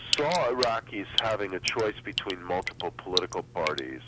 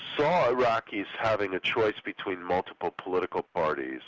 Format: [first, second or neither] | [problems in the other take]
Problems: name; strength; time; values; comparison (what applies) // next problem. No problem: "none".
second | background sound (Drip); 5 dB below the speech